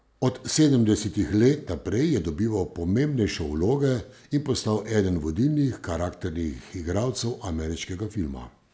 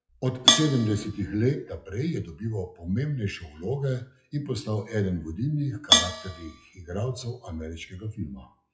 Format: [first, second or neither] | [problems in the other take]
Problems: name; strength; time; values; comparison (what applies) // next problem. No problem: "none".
first | noise reduction (classical method WPE with log-MMSE)